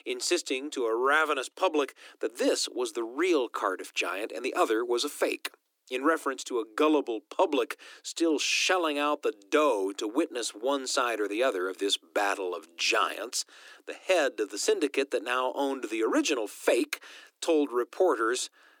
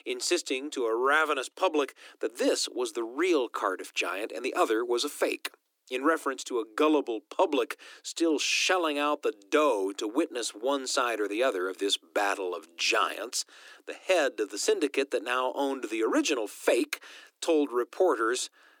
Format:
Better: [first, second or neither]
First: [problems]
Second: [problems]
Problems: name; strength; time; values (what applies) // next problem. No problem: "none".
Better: neither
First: thin; somewhat; fading below 300 Hz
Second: thin; somewhat; fading below 300 Hz